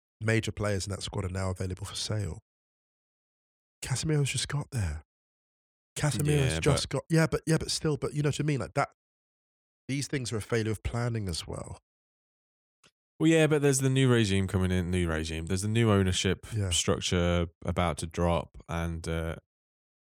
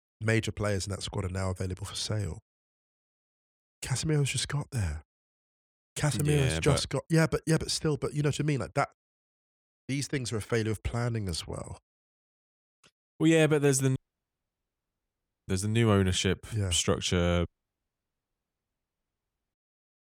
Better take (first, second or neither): first